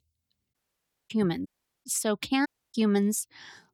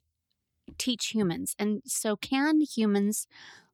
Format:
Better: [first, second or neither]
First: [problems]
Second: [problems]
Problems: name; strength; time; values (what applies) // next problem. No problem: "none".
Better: second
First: audio cutting out; at 0.5 s for 0.5 s, at 1.5 s and at 2.5 s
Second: none